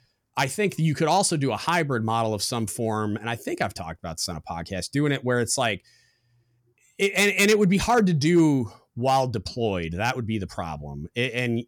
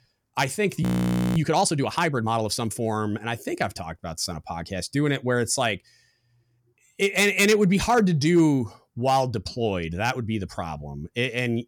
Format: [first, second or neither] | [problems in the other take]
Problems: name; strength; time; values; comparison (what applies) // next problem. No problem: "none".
first | audio freezing; at 1 s for 0.5 s